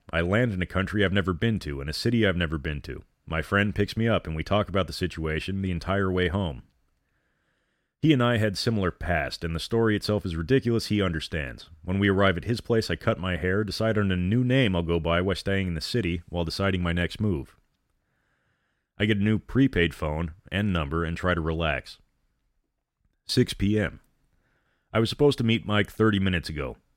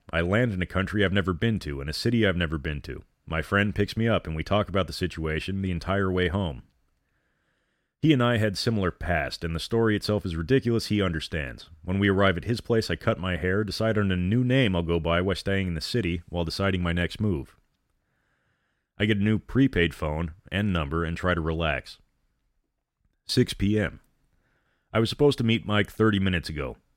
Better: neither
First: none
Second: none

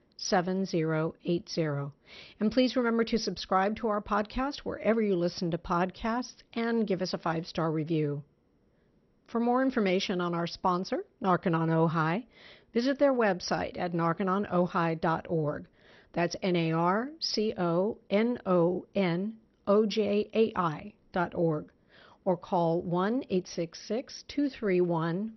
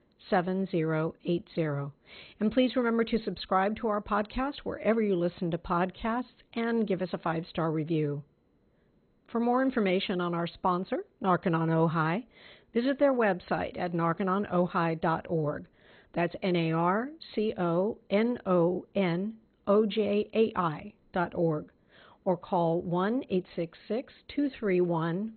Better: first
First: garbled, watery; slightly; nothing above 6 kHz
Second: garbled, watery; badly; nothing above 4 kHz

